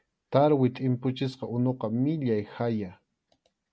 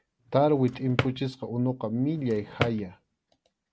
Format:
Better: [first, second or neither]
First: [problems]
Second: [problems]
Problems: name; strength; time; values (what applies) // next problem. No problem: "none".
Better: first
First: none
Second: background sound (Drawer open or close); 8 dB below the speech